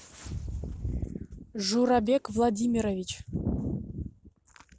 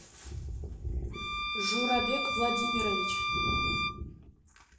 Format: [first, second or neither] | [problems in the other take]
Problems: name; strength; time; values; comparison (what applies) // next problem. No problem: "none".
first | background sound (Bowed string instrument); 2 dB above the speech // room echo; dies away in 0.7 s